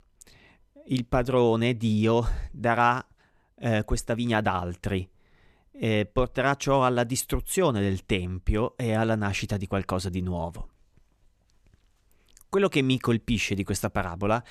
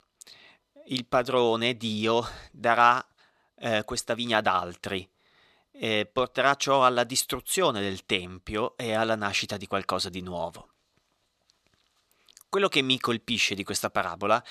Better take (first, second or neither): first